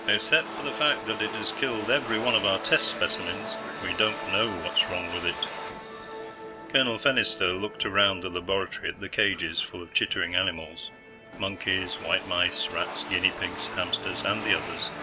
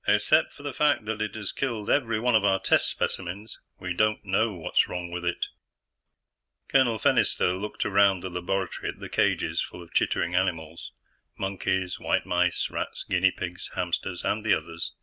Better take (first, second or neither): second